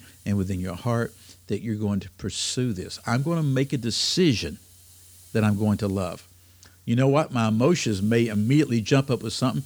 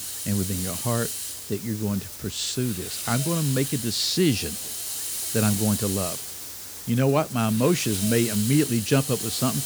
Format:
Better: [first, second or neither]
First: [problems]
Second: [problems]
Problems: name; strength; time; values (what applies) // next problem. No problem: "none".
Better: first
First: hiss; faint; throughout; 25 dB below the speech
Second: hiss; loud; throughout; 4 dB below the speech